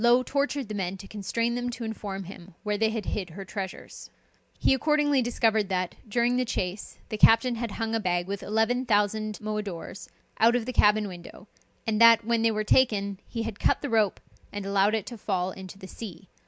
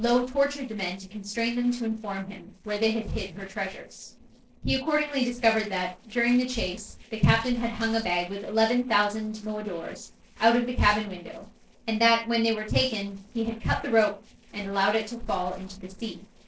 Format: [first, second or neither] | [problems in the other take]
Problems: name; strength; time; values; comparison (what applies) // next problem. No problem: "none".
first | noise reduction (neural separator model SepFormer DNS4)